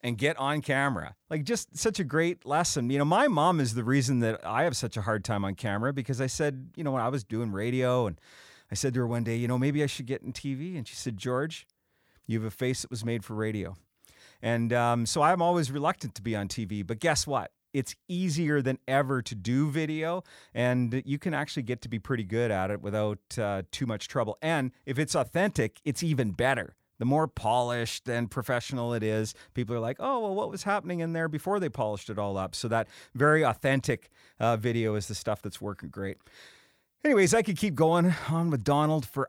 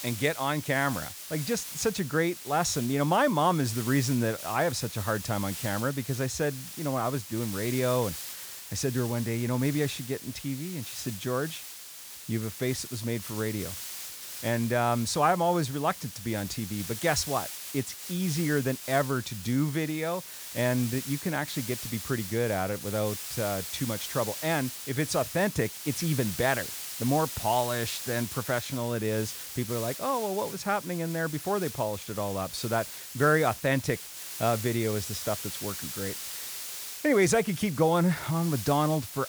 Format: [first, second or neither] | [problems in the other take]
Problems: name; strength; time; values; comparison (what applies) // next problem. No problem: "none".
first | hiss; loud; throughout; 8 dB below the speech